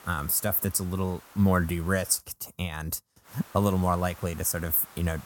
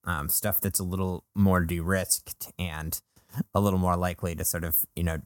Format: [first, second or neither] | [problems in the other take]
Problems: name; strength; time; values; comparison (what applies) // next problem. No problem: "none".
second | hiss; faint; until 2 s and from 3.5 s on; 20 dB below the speech